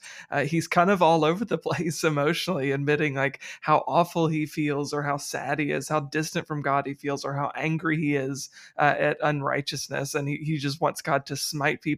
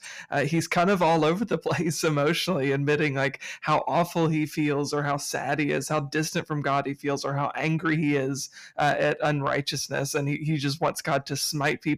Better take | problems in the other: first | distortion; slight; 10 dB below the speech

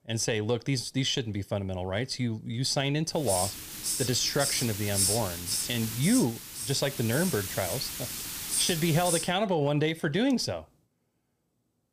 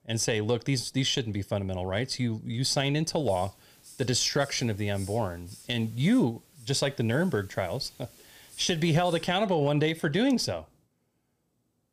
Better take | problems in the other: second | hiss; loud; from 3 to 9 s; 2 dB below the speech; faint in the second

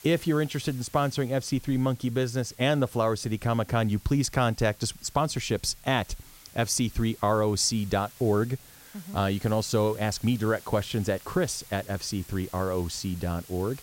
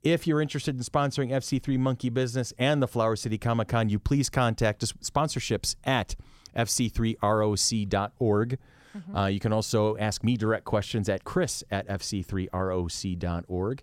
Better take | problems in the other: second | hiss; faint; throughout; 20 dB below the speech

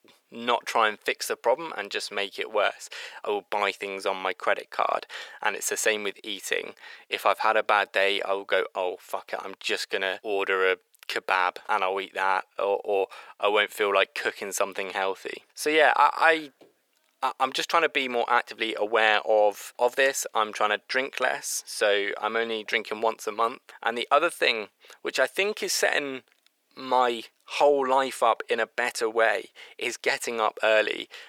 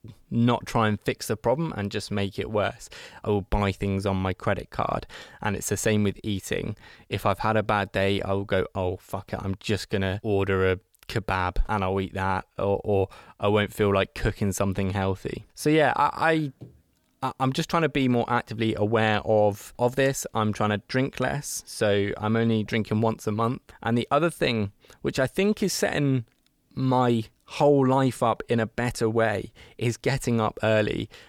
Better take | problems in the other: second | thin; very; fading below 450 Hz

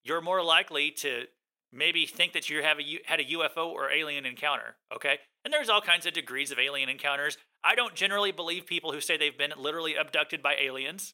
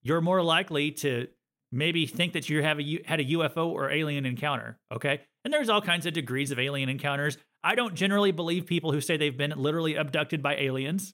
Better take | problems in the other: second | thin; very; fading below 600 Hz

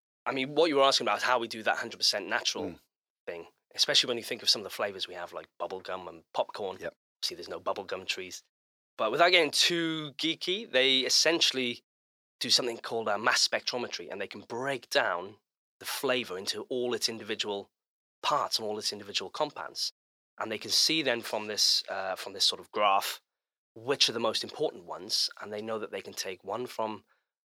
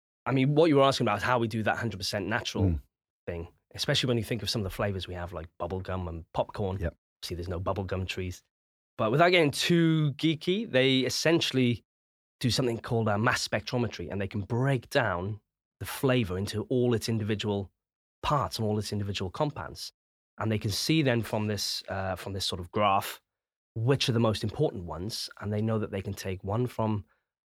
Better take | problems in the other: second | thin; somewhat; fading below 450 Hz

